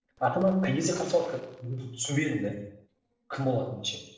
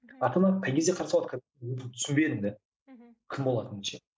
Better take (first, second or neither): second